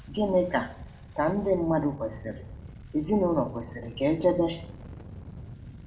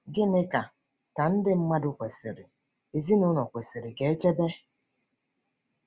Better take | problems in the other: second | background sound (Engine starting); 14 dB below the speech // room echo; dies away in 0.6 s

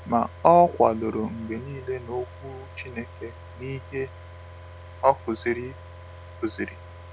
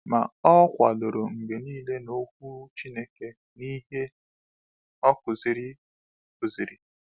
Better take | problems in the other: second | background sound (Car); 16 dB below the speech

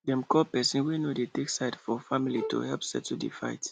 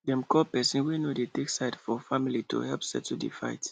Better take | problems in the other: second | background sound (Bowed string instrument); 12 dB below the speech

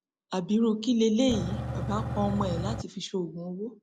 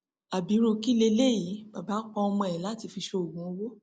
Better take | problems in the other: second | background sound (Engine / Truck / Car); 4 dB below the speech

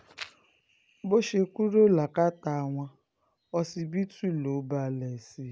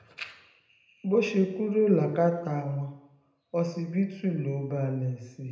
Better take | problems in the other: first | room echo; dies away in 0.8 s

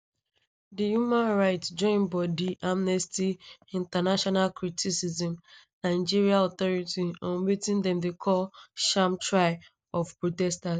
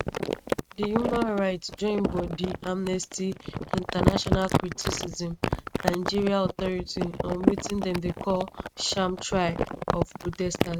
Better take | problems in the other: first | noise reduction (neural mask model RNNoise)

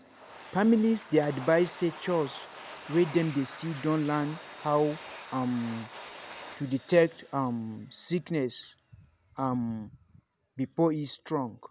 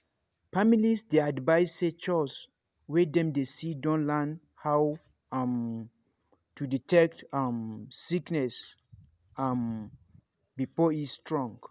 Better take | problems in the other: second | background sound (Domestic sounds, home sounds); 18 dB below the speech

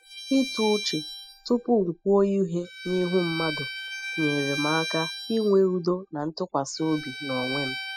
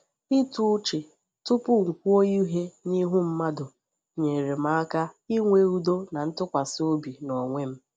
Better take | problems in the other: second | noise reduction (classical method spectral subtraction)

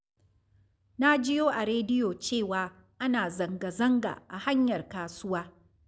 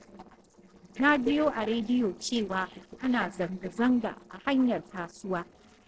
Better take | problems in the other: first | noise reduction (neural separator model SepFormer DNS4)

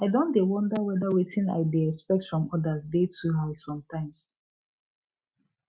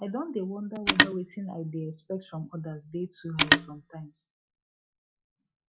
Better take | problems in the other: first | noise reduction (classical method log-MMSE)

